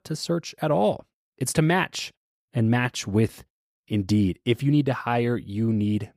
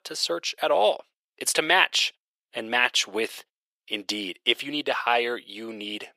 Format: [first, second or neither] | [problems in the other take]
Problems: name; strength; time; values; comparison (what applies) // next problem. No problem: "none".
first | thin; very; fading below 500 Hz